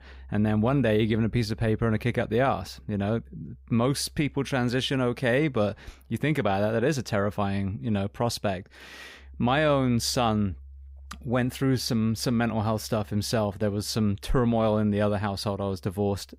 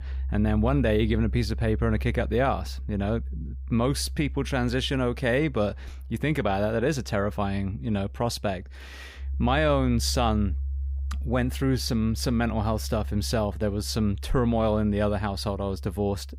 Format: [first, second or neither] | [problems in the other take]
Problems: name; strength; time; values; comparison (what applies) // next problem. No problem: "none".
first | background music; loud; throughout; 8 dB below the speech; faint in the first